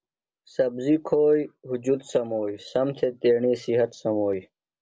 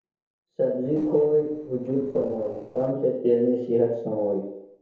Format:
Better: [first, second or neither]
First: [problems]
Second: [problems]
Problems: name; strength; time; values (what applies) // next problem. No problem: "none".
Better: first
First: none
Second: noise reduction (neural separator model SepFormer DNS4)